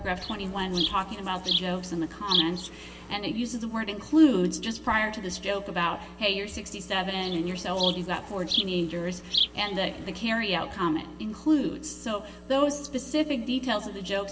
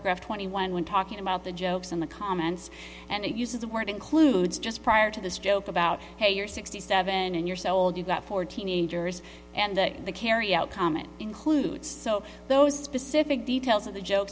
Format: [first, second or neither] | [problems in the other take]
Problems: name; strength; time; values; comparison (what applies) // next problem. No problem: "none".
second | background sound (Insect); 4 dB below the speech // room echo; dies away in 1.6 s